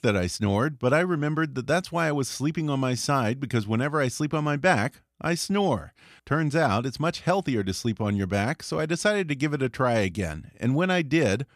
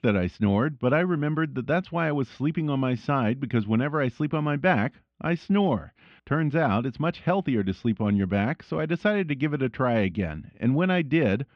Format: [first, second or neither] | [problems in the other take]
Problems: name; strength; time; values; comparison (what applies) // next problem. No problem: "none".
first | muffled; very; fading above 3 kHz